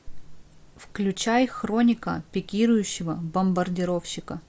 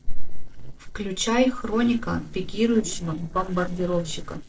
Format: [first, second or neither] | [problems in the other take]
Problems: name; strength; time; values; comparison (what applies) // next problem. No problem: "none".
first | noise reduction (neural separator model SepFormer DNS4)